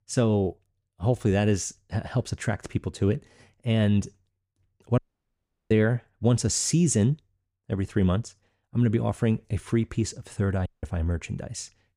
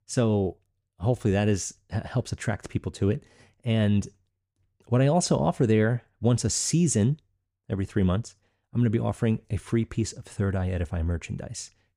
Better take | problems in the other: second | audio cutting out; at 5 s for 0.5 s and at 11 s

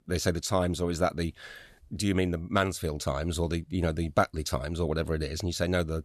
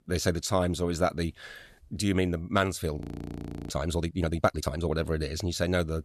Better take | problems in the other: first | audio freezing; at 3 s for 0.5 s

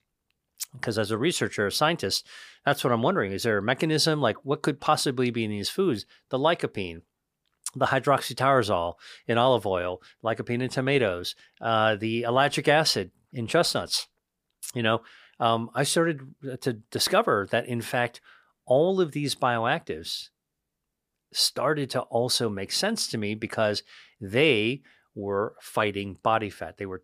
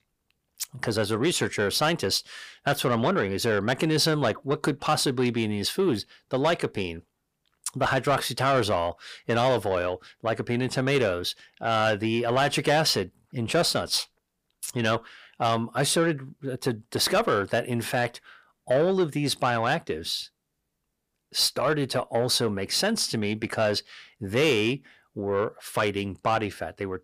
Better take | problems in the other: first | distortion; slight; 10 dB below the speech

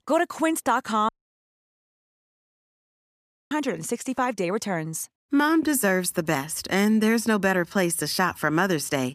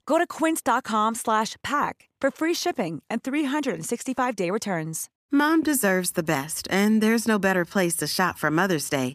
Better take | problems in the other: second | audio cutting out; at 1 s for 2.5 s

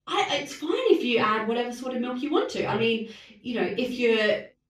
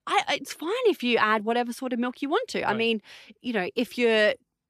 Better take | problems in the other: second | room echo; slight; dies away in 0.3 s // off-mic speech; far

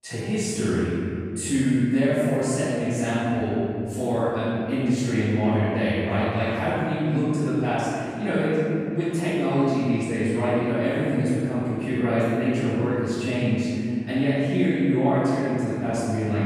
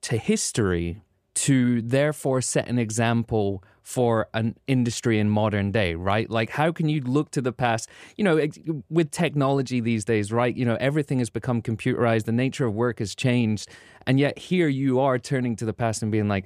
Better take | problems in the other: second | off-mic speech; far // room echo; strong; dies away in 2.4 s

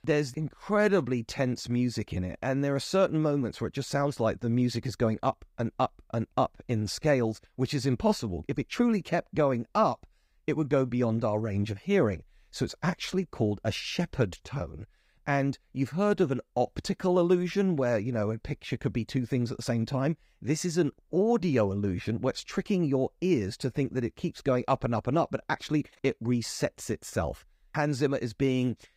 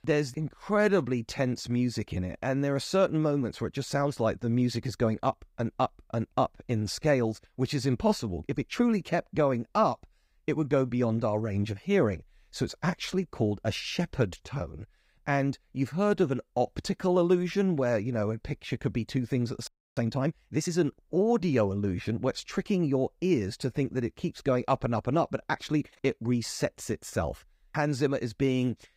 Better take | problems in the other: first | audio freezing; at 20 s

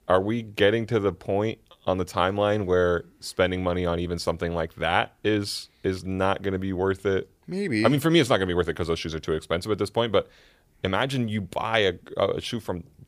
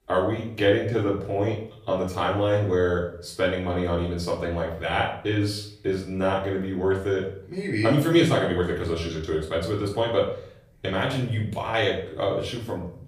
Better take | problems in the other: first | off-mic speech; far // room echo; slight; dies away in 0.5 s

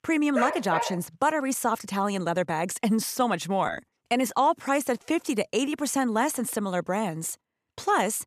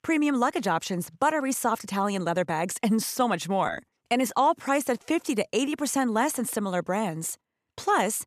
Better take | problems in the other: second | dog barking; noticeable; at 0.5 s; peak 3 dB below the speech

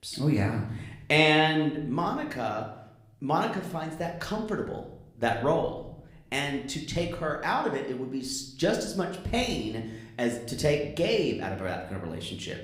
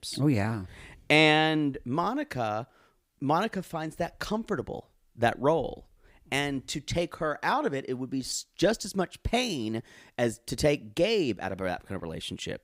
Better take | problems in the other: second | room echo; slight; dies away in 0.7 s

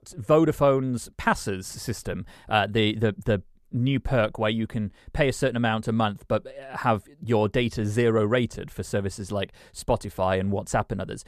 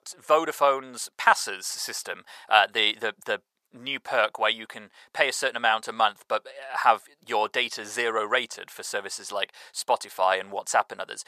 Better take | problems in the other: first | thin; very; fading below 900 Hz

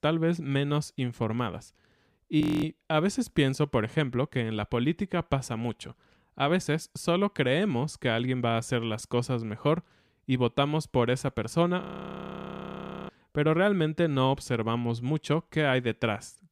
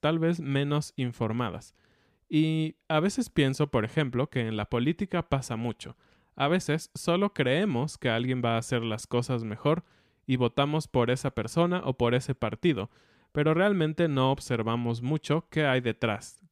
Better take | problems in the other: second | audio freezing; at 2.5 s and at 12 s for 1.5 s

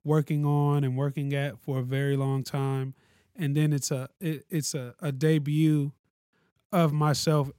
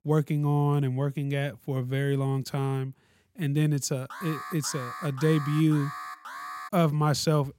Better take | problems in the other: first | alarm; faint; from 4 to 6.5 s; peak 10 dB below the speech

